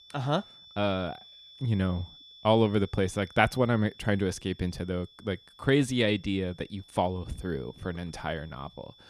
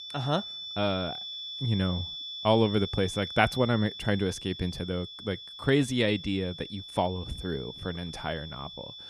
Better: first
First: high-pitched whine; faint; throughout; 3.5 kHz, 20 dB below the speech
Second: high-pitched whine; loud; throughout; 3.5 kHz, 9 dB below the speech

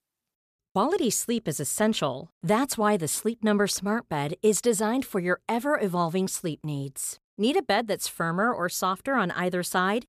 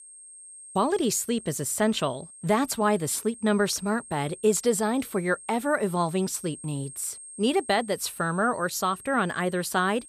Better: first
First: none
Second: high-pitched whine; noticeable; throughout; 8.5 kHz, 15 dB below the speech

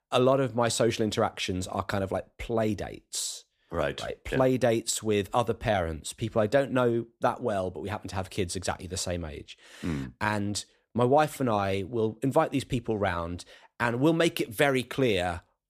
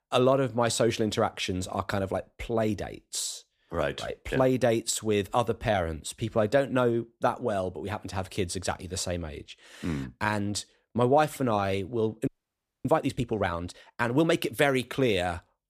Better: first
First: none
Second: audio freezing; at 12 s for 0.5 s

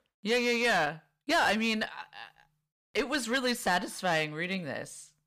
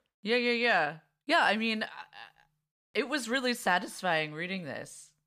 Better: second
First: distortion; slight; 6% of the sound clipped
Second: none

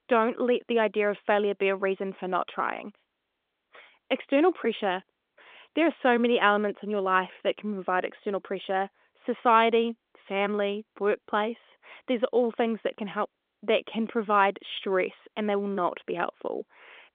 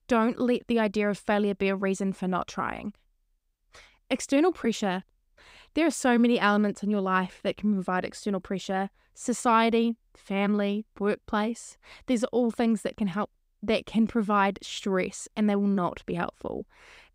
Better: second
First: phone-call audio; nothing above 3.5 kHz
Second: none

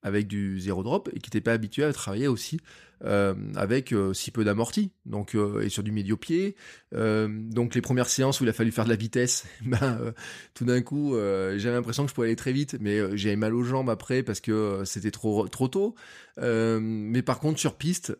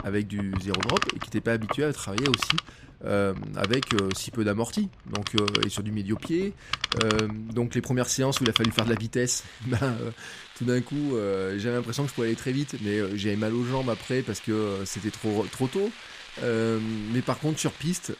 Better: first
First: none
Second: household noises; loud; throughout; 4 dB below the speech

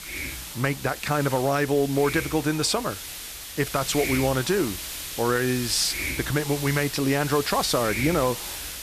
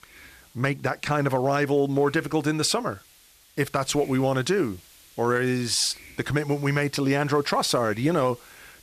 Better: second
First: hiss; loud; throughout; 7 dB below the speech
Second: hiss; faint; throughout; 25 dB below the speech

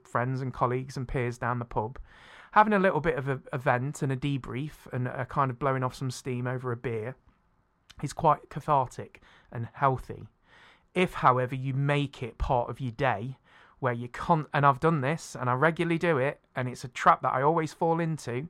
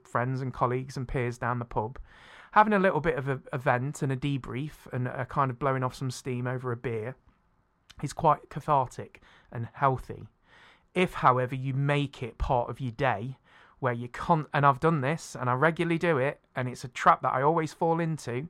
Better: neither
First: muffled; slightly; fading above 1.5 kHz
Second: muffled; slightly; fading above 1.5 kHz

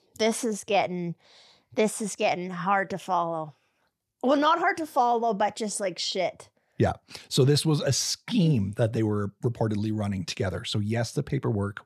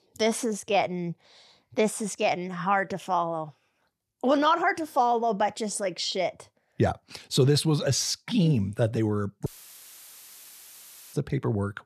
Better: first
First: none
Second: audio cutting out; filled with static; at 9.5 s for 1.5 s

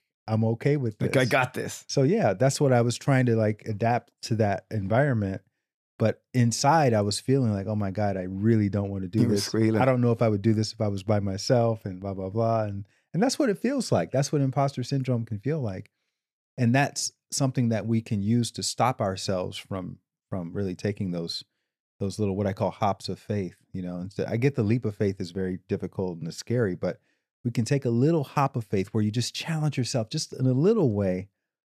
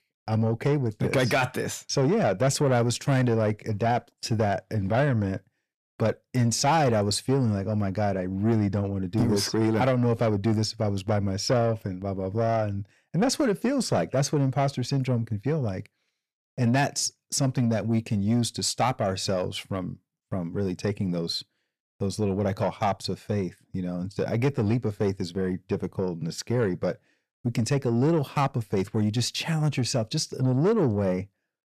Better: first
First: none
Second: distortion; slight; 10 dB below the speech

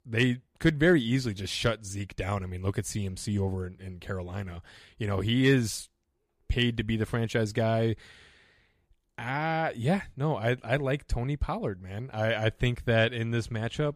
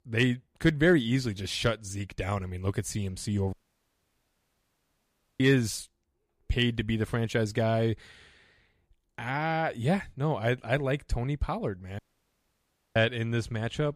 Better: first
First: none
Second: audio cutting out; at 3.5 s for 2 s and at 12 s for 1 s

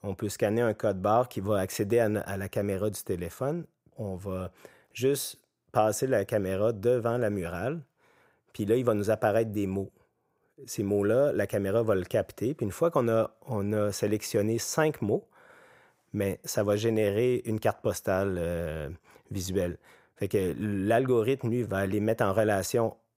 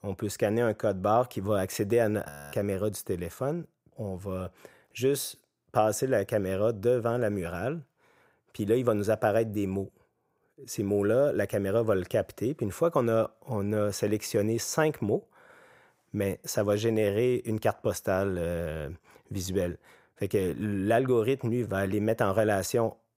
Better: first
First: none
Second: audio freezing; at 2.5 s

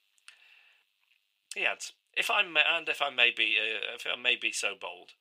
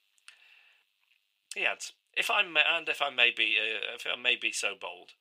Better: neither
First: thin; very; fading below 850 Hz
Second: thin; very; fading below 850 Hz

